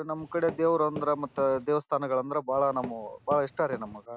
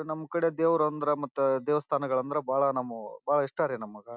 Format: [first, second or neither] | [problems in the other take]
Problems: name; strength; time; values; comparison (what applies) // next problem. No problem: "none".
second | background sound (Walk, footsteps); 15 dB below the speech